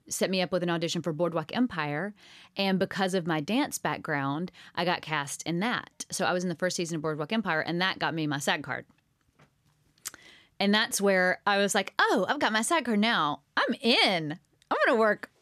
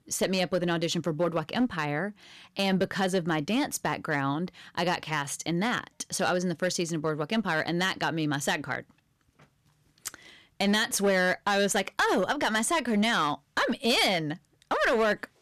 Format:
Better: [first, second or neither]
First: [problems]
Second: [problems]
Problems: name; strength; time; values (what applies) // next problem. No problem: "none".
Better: first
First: none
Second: distortion; slight; 6% of the sound clipped